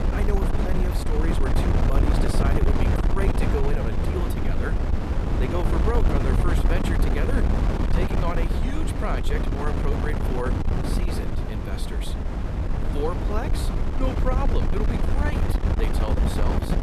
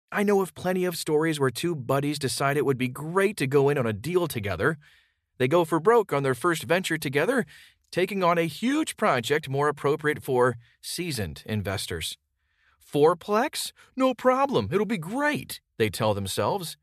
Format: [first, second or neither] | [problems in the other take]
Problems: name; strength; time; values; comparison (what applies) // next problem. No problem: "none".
second | wind noise on the microphone; heavy; 1 dB above the speech